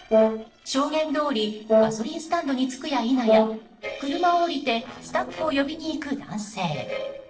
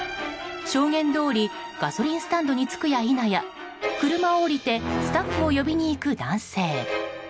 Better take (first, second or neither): second